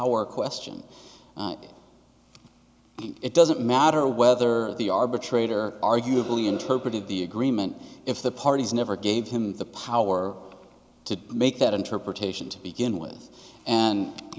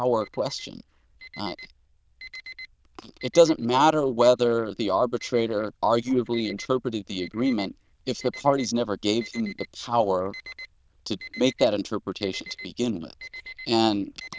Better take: first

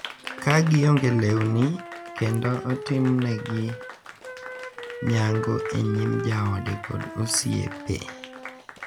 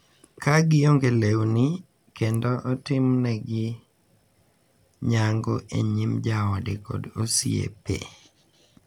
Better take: second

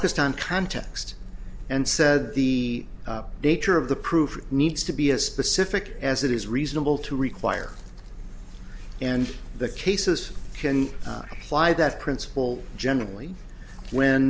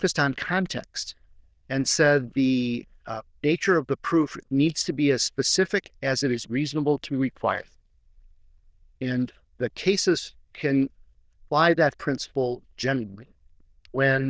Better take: first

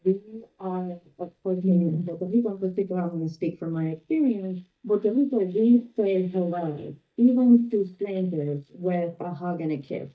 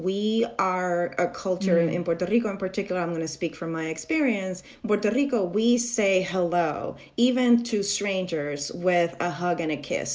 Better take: second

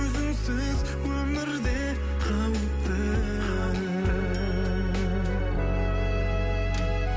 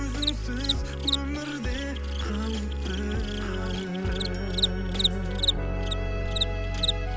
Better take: first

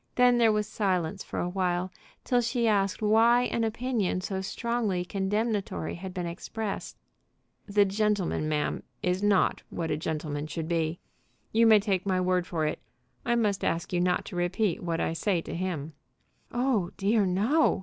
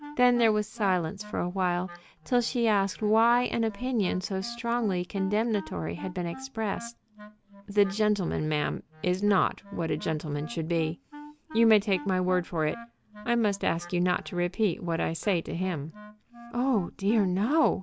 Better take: first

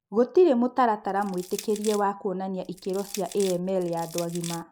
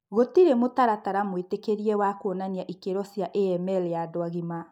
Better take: second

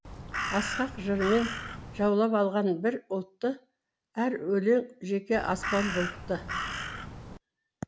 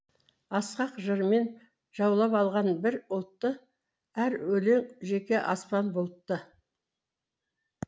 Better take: second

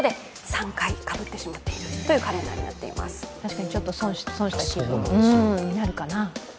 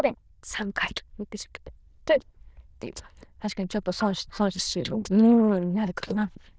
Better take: first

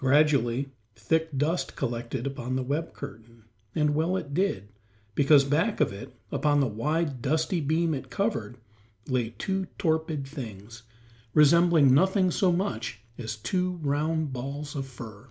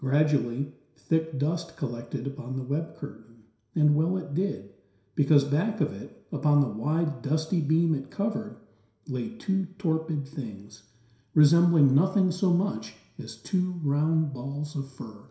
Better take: first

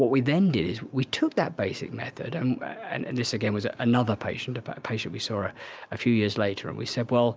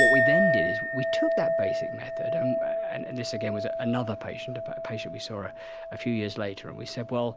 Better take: first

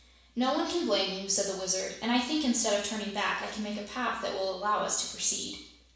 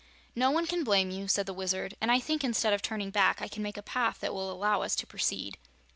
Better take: second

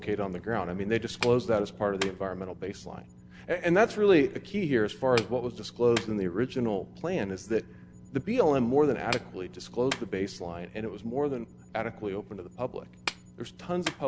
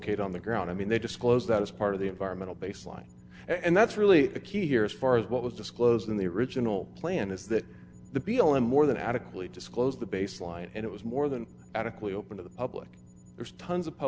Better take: second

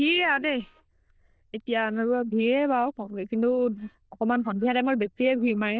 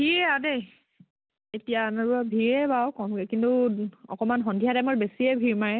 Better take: second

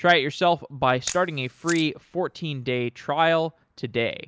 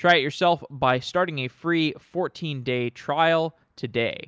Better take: second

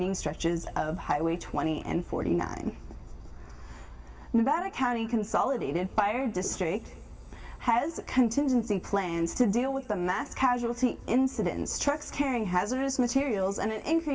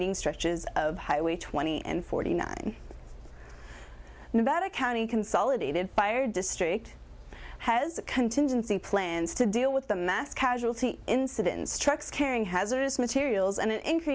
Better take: second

